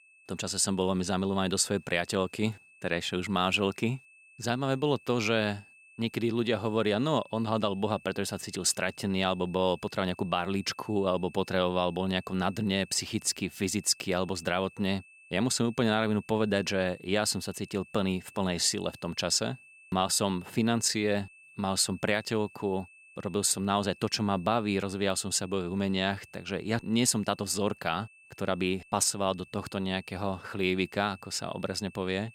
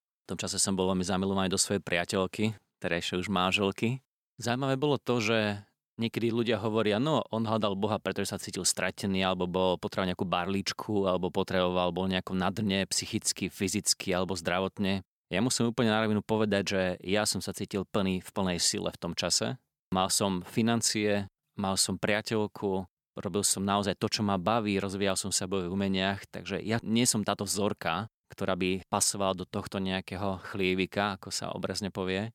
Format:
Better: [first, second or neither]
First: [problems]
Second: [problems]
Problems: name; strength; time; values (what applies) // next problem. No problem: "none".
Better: second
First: high-pitched whine; faint; throughout; 2.5 kHz, 25 dB below the speech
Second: none